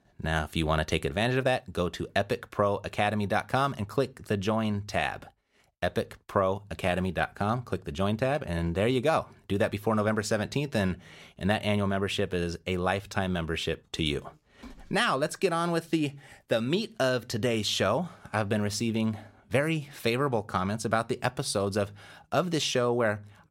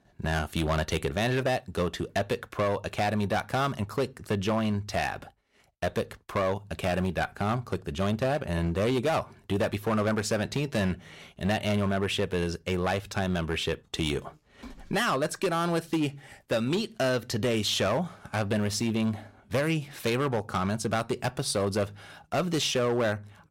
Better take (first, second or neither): first